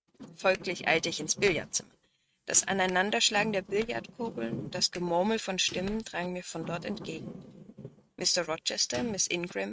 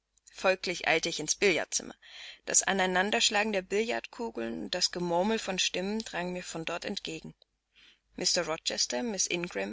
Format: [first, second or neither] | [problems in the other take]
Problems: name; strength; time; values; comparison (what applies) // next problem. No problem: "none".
second | noise reduction (neural mask model RNNoise)